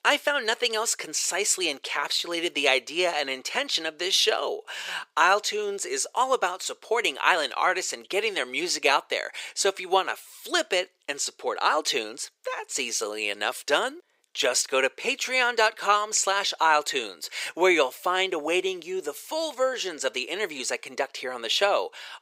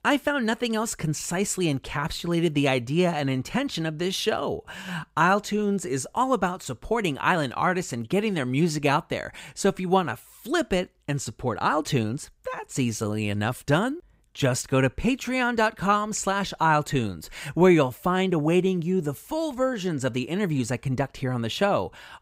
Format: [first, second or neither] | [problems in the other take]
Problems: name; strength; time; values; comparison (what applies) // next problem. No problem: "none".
second | thin; very; fading below 450 Hz